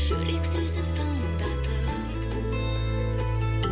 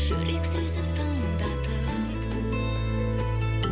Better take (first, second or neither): second